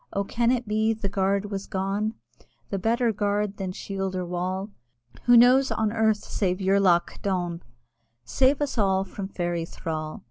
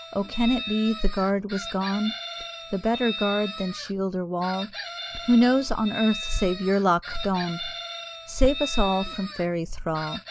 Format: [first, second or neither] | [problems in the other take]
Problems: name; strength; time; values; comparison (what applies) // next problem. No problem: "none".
first | background sound (Chicken, rooster); 11 dB below the speech